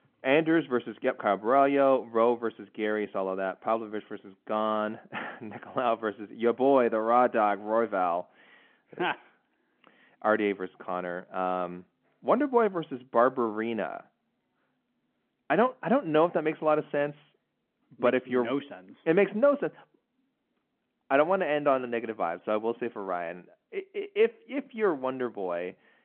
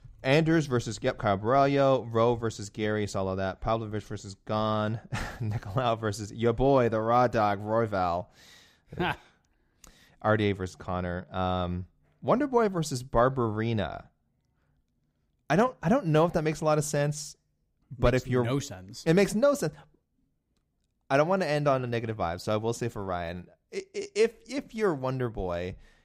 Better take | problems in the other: second | phone-call audio

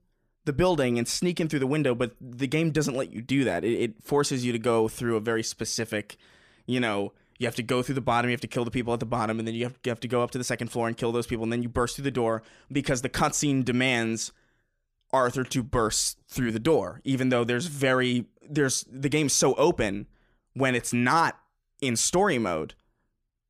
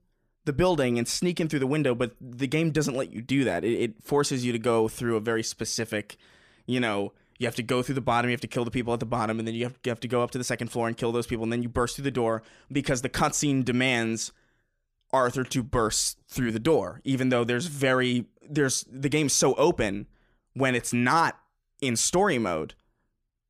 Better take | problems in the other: neither | none

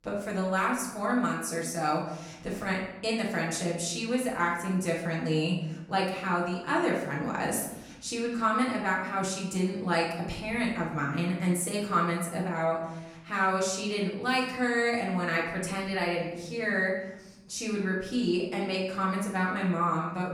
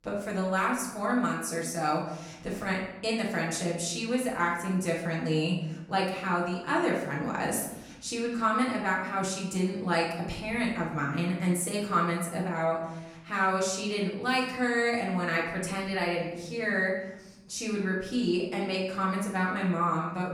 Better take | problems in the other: neither | off-mic speech; far; the same in both // room echo; noticeable; dies away in 0.9 s; the same in both

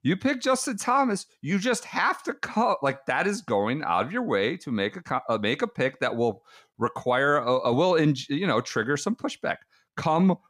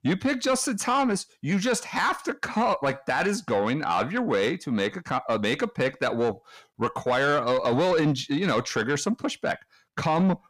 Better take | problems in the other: first | distortion; slight; 10 dB below the speech

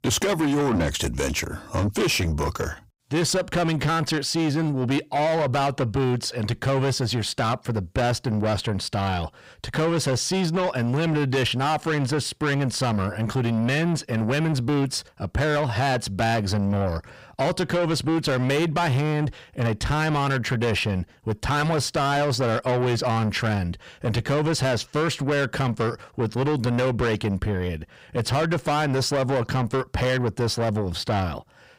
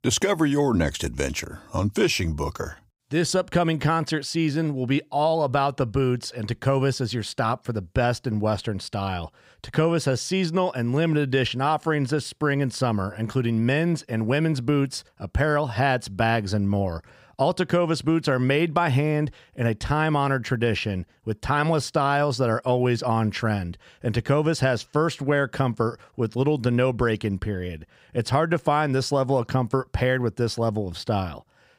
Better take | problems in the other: second | distortion; heavy; 7 dB below the speech

